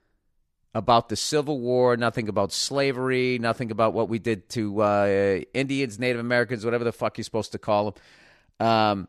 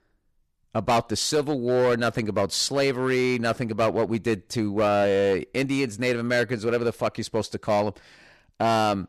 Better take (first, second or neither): first